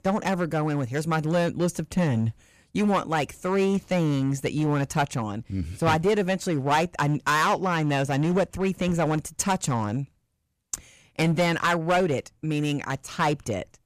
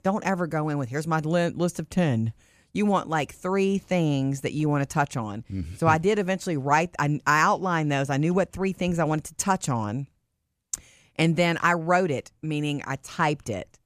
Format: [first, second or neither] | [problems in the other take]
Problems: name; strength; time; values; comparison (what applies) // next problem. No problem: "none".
second | distortion; slight; 7% of the sound clipped